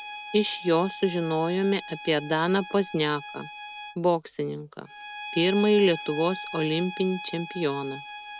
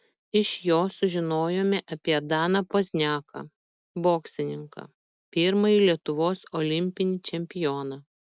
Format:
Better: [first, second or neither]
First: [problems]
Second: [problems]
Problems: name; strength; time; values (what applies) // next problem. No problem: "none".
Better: second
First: background sound (Bowed string instrument); 13 dB below the speech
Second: none